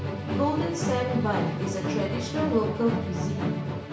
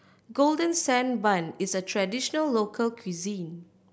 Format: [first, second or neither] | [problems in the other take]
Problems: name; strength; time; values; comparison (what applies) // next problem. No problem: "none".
second | background sound (Musical instrument); as loud as the speech // room echo; dies away in 0.6 s